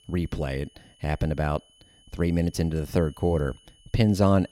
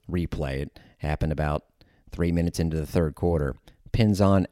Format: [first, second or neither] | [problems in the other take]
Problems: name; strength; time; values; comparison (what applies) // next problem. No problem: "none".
second | high-pitched whine; faint; throughout; 3 kHz, 30 dB below the speech